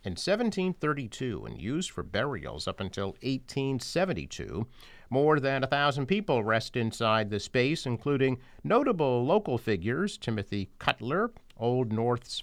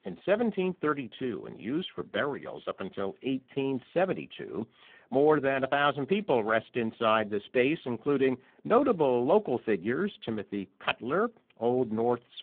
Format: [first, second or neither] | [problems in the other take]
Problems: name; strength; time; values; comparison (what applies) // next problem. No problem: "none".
first | phone-call audio; poor line